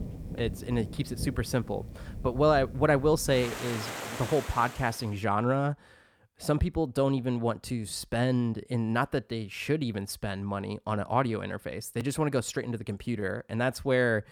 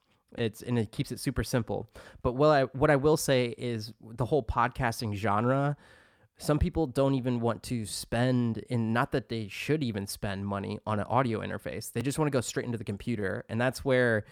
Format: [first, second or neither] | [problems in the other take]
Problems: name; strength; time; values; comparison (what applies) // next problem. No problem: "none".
second | rain or running water; noticeable; until 4.5 s; 10 dB below the speech